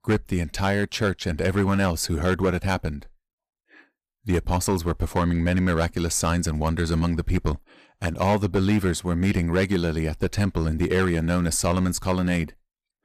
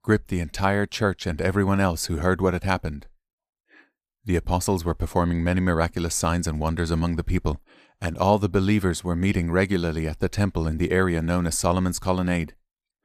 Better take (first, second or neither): second